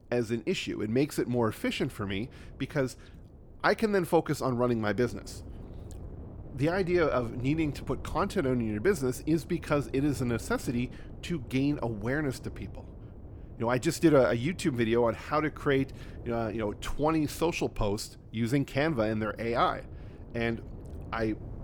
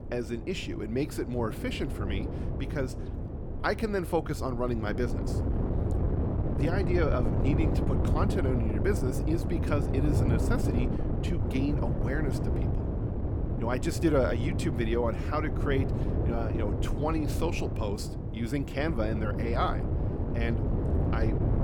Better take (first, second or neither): first